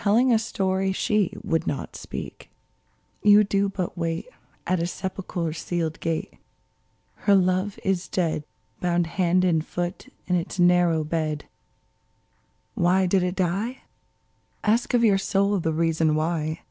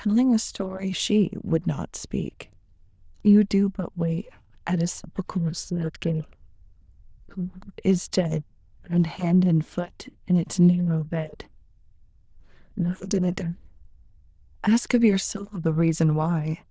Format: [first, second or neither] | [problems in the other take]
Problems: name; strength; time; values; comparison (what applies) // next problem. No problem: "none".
first | noise reduction (neural diffusion model UNIVERSE++)